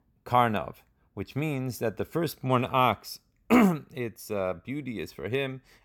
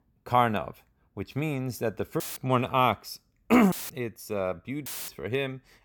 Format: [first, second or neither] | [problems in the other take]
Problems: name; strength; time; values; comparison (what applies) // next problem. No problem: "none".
first | audio cutting out; filled with static; at 2 s, at 3.5 s and at 5 s